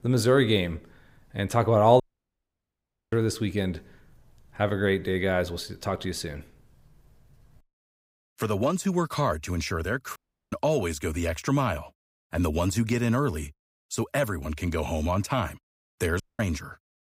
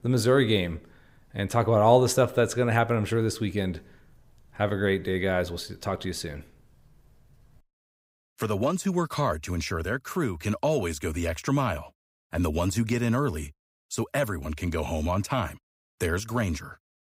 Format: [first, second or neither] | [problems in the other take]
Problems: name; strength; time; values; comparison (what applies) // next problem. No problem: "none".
second | audio cutting out; at 2 s for 1 s, at 10 s and at 16 s